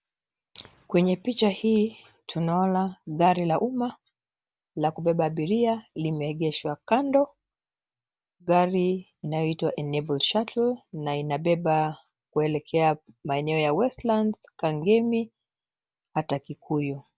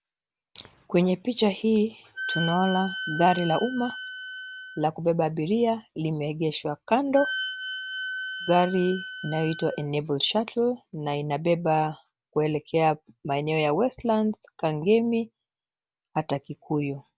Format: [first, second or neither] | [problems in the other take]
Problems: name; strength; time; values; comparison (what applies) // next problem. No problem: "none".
first | background sound (Wind instrument, woodwind instrument); 9 dB below the speech